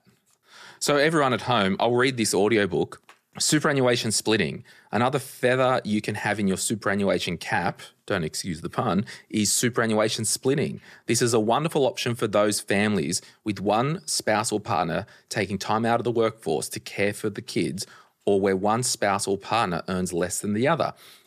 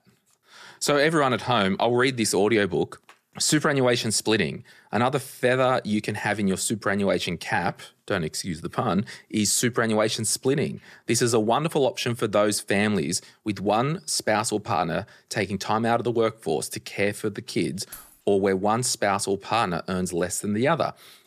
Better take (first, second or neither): first